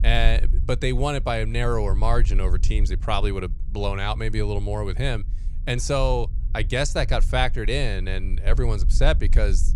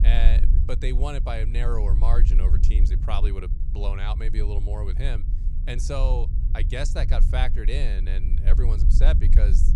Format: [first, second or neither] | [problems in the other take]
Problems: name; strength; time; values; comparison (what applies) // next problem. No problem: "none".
first | low rumble; loud; throughout; 9 dB below the speech; faint in the first